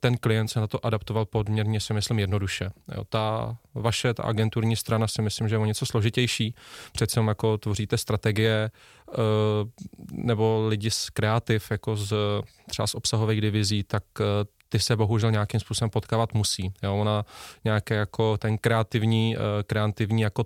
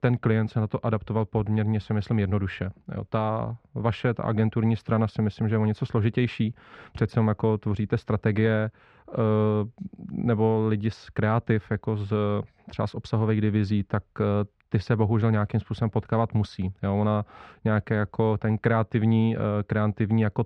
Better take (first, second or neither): first